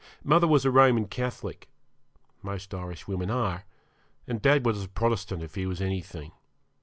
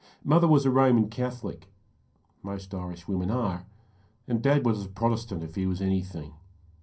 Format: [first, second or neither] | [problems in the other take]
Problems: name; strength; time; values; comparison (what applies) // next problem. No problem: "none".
first | room echo; dies away in 0.3 s